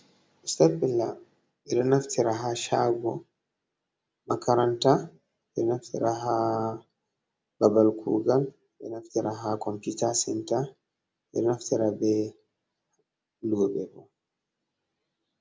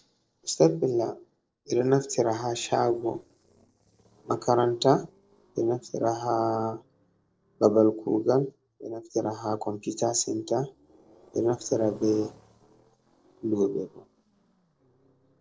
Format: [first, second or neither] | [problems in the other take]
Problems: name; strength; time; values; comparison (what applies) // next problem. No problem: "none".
first | noise reduction (neural separator model SepFormer DNS4)